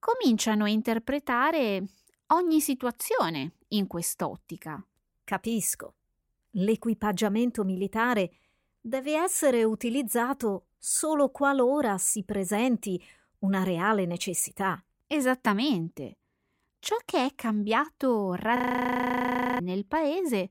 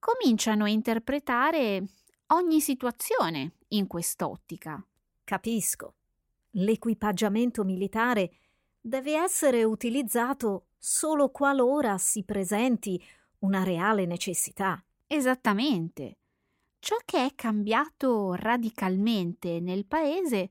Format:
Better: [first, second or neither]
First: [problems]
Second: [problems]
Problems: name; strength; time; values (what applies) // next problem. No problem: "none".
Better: second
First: audio freezing; at 19 s for 1 s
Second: none